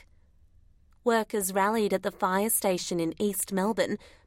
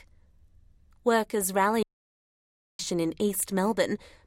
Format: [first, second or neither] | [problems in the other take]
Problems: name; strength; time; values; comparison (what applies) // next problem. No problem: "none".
first | audio cutting out; at 2 s for 1 s